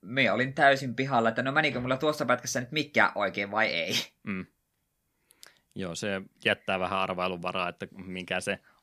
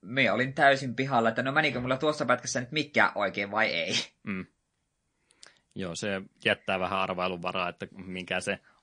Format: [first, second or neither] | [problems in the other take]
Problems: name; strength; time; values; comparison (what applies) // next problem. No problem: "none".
first | garbled, watery; slightly; nothing above 9 kHz